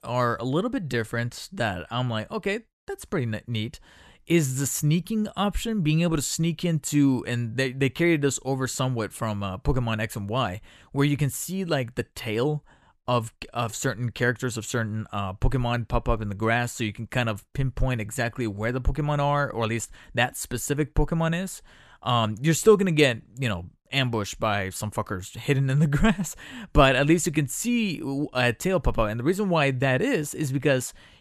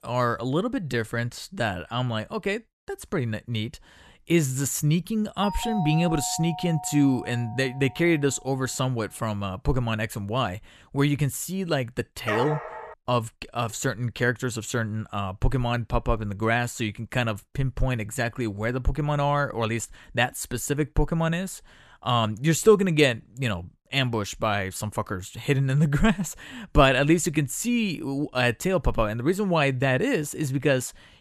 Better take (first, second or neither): first